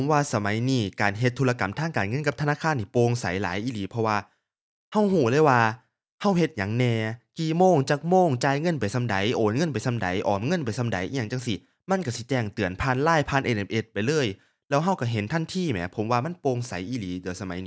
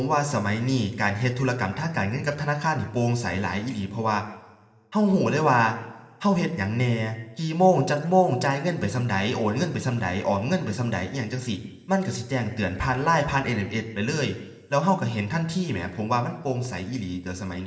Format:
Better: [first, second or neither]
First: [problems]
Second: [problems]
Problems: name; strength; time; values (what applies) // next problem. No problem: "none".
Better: first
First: none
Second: room echo; dies away in 1 s